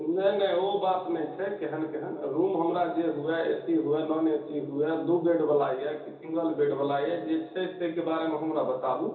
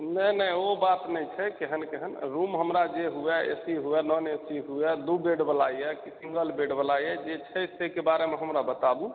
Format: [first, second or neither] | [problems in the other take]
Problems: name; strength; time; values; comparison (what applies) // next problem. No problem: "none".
second | room echo; dies away in 0.7 s